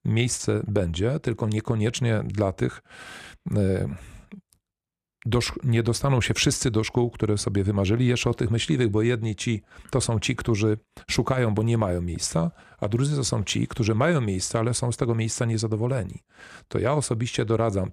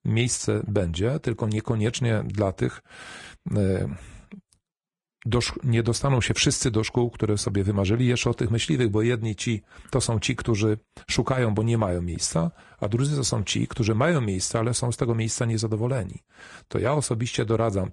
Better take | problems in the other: first | garbled, watery; slightly; nothing above 10 kHz

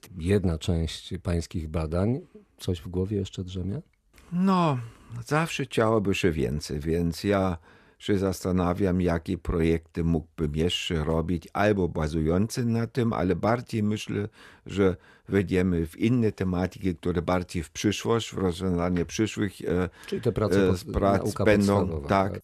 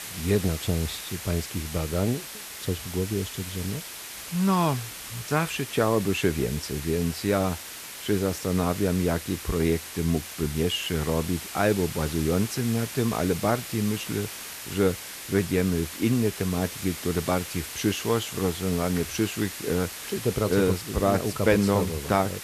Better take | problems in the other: first | hiss; loud; throughout; 9 dB below the speech

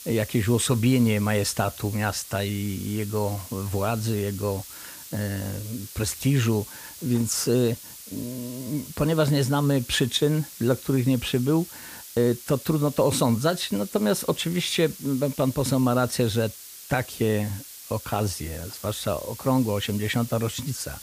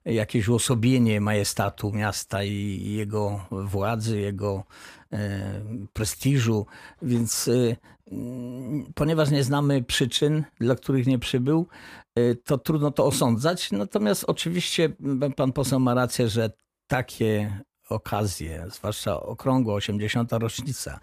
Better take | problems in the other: second | hiss; noticeable; throughout; 15 dB below the speech

